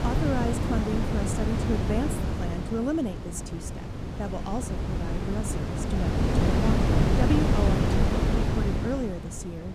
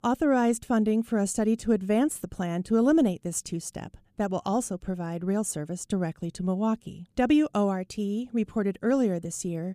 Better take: second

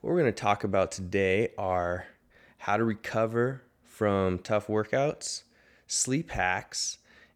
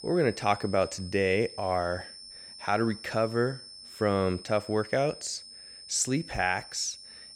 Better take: first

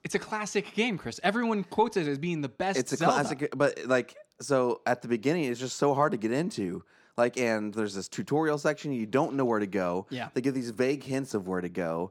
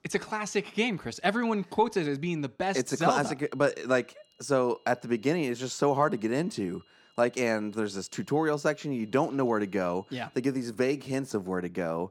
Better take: first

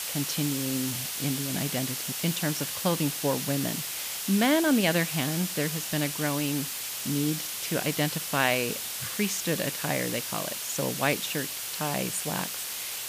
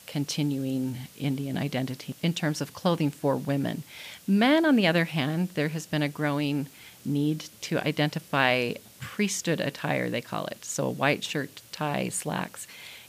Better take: second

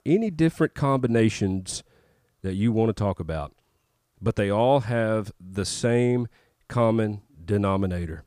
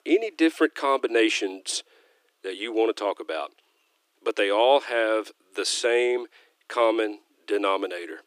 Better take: first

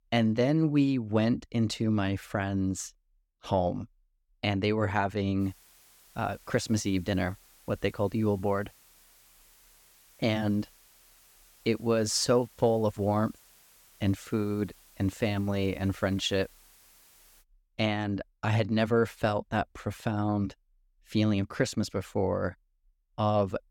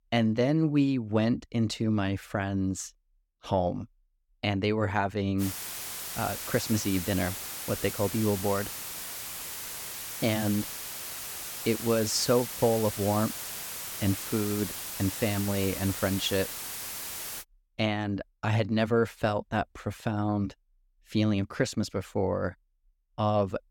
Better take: first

